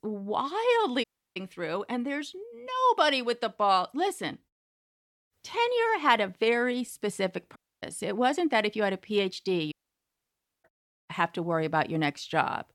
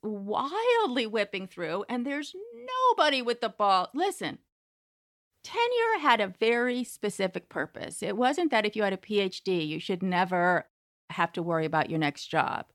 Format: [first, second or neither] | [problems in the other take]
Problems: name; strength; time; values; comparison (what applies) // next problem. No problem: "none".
second | audio cutting out; at 1 s, at 7.5 s and at 9.5 s for 1 s